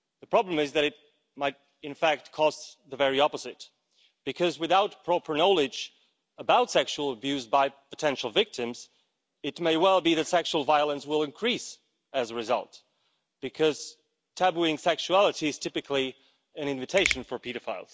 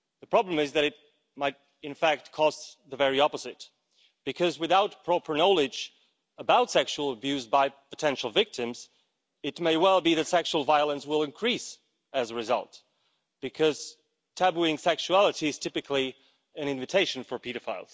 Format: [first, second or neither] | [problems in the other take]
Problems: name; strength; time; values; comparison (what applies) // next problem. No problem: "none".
second | background sound (Finger snapping); 8 dB below the speech